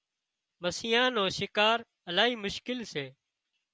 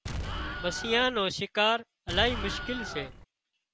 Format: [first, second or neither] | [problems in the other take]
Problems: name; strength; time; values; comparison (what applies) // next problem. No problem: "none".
first | background sound (Explosion); 5 dB below the speech